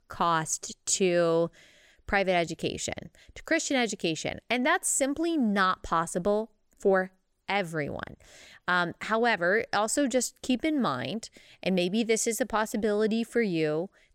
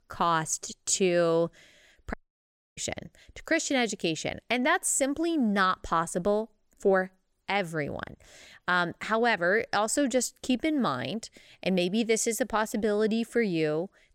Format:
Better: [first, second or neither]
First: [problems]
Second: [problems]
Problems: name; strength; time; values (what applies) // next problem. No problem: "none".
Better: first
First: none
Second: audio cutting out; at 2 s for 0.5 s